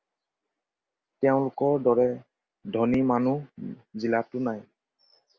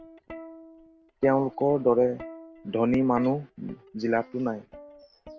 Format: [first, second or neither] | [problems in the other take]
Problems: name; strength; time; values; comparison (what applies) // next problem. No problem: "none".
first | background sound (Plucked string instrument); 19 dB below the speech